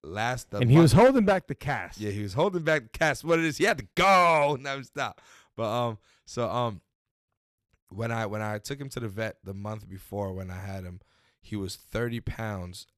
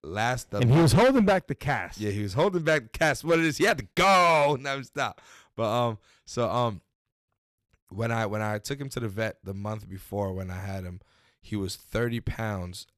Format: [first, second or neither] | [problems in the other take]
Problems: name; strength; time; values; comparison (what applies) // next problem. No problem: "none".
first | distortion; slight; 4% of the sound clipped